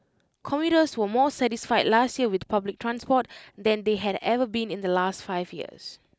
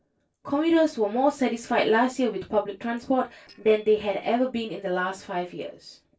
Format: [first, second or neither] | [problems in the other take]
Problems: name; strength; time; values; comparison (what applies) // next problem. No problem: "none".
first | noise reduction (neural separator model SepFormer DNS4)